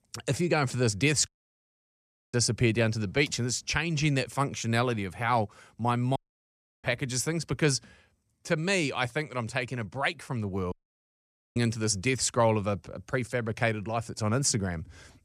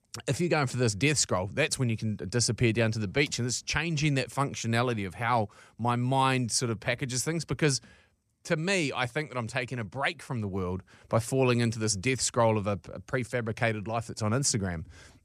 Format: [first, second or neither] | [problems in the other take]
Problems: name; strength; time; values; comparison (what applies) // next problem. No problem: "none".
second | audio cutting out; at 1.5 s for 1 s, at 6 s for 0.5 s and at 11 s for 1 s